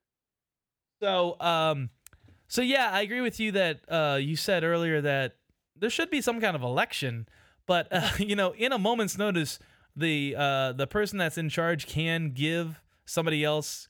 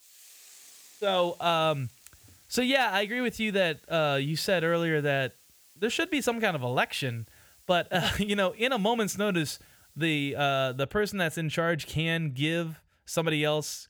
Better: first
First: none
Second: hiss; faint; until 11 s; 25 dB below the speech

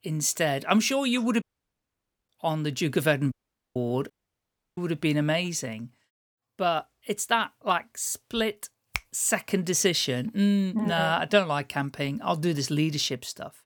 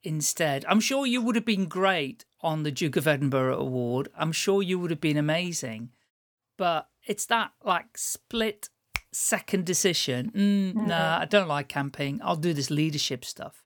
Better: second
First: audio cutting out; at 1.5 s for 1 s, at 3.5 s and at 4 s for 0.5 s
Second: none

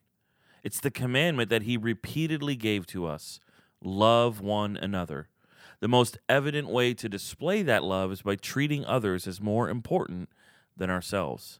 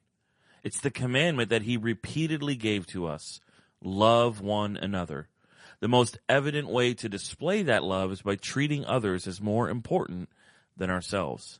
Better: first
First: none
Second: garbled, watery; slightly; nothing above 10.5 kHz

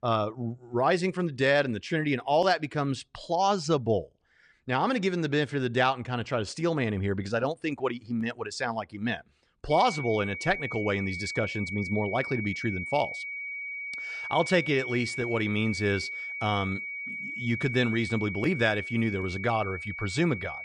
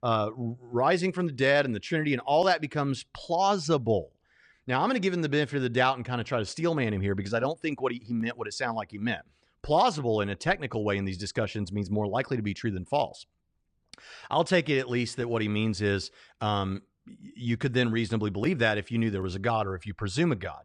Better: second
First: high-pitched whine; loud; from 9.5 s on; 2.5 kHz, 6 dB below the speech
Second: none

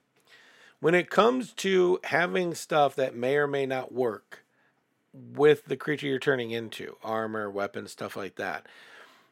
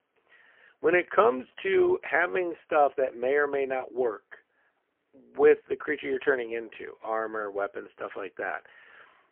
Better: first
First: none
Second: phone-call audio; poor line; nothing above 3.5 kHz

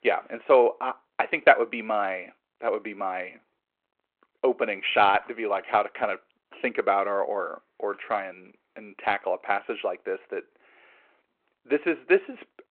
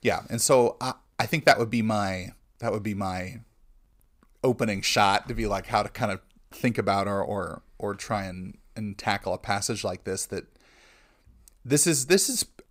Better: second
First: phone-call audio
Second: none

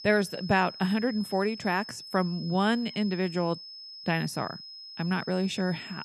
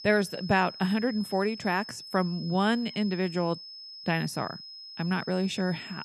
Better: neither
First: high-pitched whine; noticeable; throughout; 5 kHz, 15 dB below the speech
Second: high-pitched whine; noticeable; throughout; 5 kHz, 15 dB below the speech

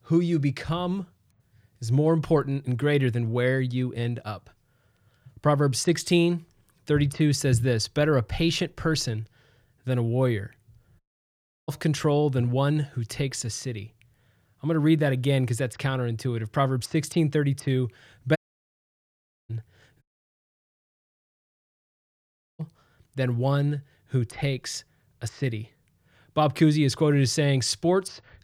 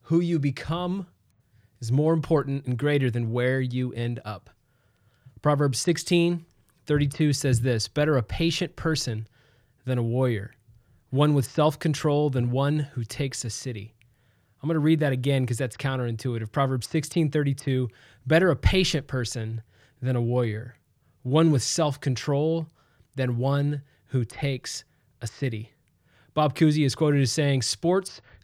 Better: second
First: audio cutting out; at 11 s for 0.5 s, at 18 s for 1 s and at 20 s for 2.5 s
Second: none

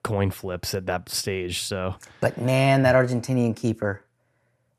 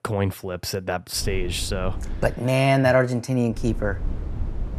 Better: first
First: none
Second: wind noise on the microphone; occasional gusts; from 1 to 2.5 s and from 3.5 s on; 20 dB below the speech

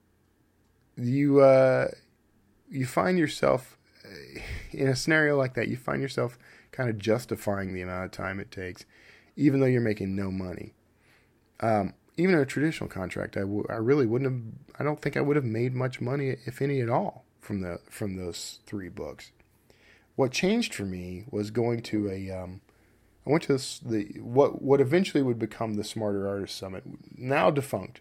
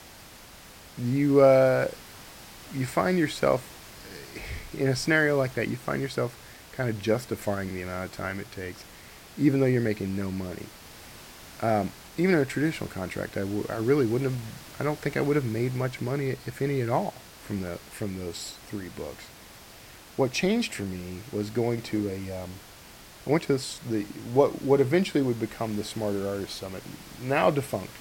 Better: first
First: none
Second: hiss; noticeable; throughout; 20 dB below the speech

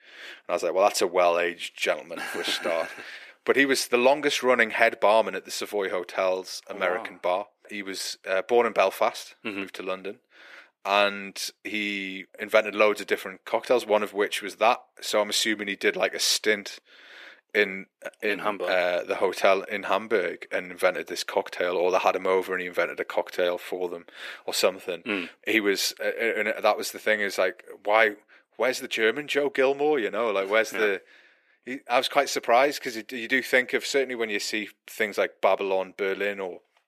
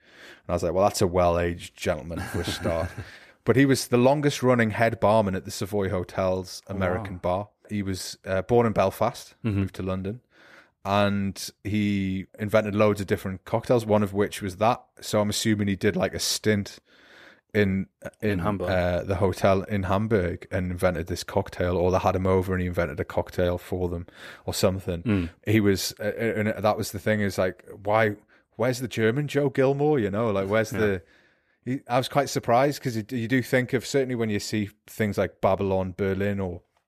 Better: second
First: thin; somewhat; fading below 350 Hz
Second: none

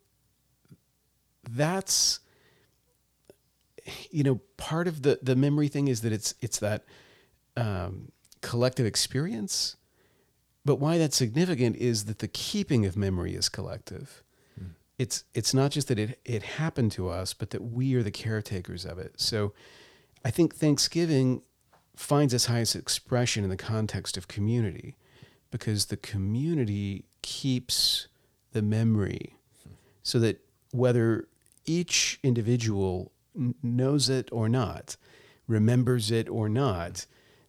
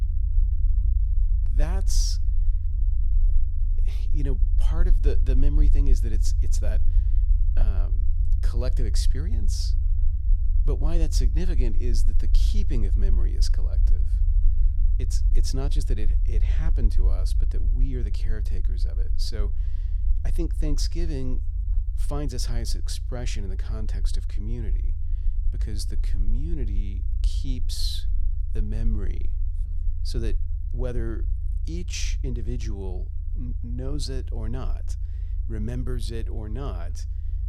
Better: first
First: none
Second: low rumble; noticeable; throughout; 10 dB below the speech

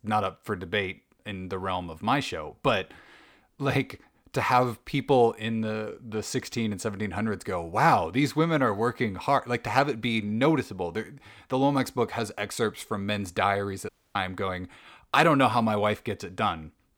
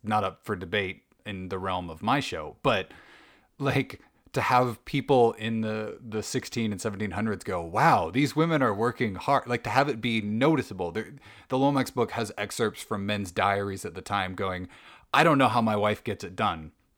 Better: second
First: audio cutting out; at 14 s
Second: none

